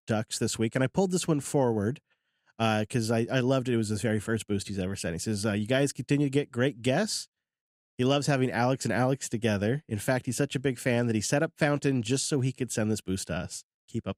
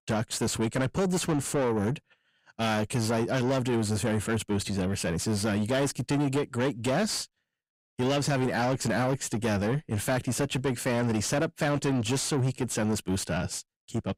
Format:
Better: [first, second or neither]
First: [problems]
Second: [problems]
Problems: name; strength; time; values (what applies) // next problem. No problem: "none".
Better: first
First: none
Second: distortion; heavy; 7 dB below the speech